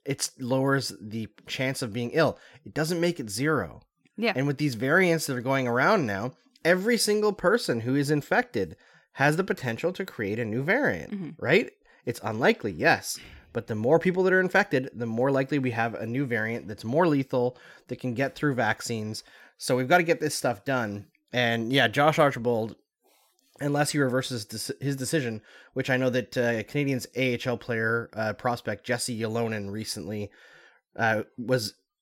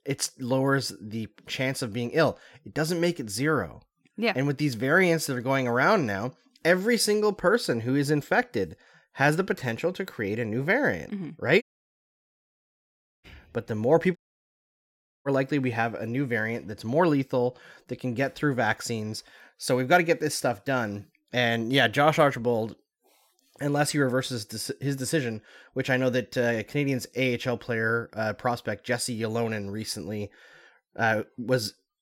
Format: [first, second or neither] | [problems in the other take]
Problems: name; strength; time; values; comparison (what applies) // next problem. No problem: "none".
first | audio cutting out; at 12 s for 1.5 s and at 14 s for 1 s